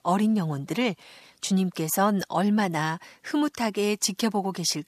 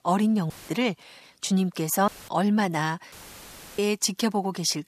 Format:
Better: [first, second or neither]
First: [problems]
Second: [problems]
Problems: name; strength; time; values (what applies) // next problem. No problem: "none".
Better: first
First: none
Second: audio cutting out; filled with static; at 0.5 s, at 2 s and at 3 s for 0.5 s